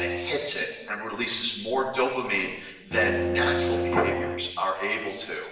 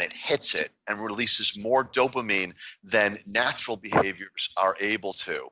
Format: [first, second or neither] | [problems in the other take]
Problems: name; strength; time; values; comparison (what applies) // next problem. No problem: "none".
second | background sound (Bowed string instrument); 4 dB below the speech // room echo; dies away in 1.1 s